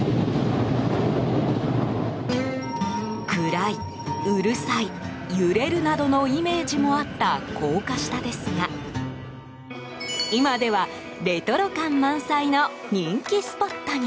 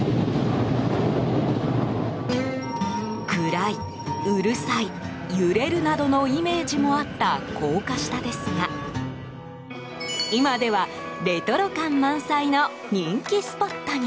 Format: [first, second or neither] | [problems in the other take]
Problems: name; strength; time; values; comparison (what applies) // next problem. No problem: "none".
first | background sound (Wind instrument, woodwind instrument + Wind instrument, woodwind instrument); 18 dB below the speech